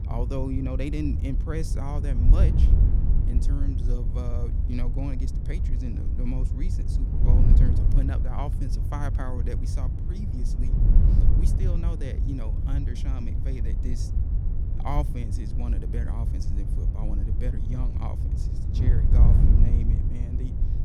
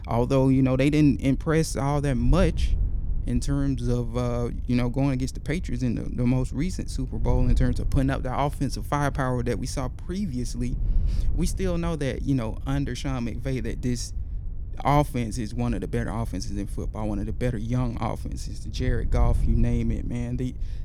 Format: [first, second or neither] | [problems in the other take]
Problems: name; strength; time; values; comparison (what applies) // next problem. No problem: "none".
second | wind noise on the microphone; heavy; 2 dB below the speech; occasional gusts in the second